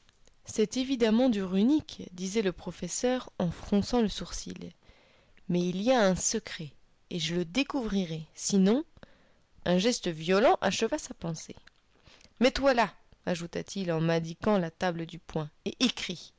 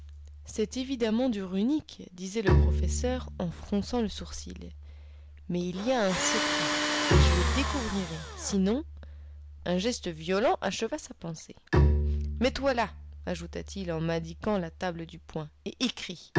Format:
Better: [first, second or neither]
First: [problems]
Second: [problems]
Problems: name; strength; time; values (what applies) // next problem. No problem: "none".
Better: first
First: none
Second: background sound (Tools + Bowed string instrument); as loud as the speech